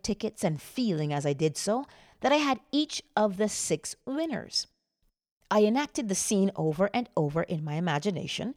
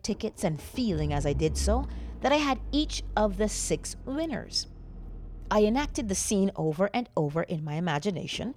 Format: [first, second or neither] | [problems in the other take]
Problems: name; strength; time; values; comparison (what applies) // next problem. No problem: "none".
first | low rumble; faint; throughout; 25 dB below the speech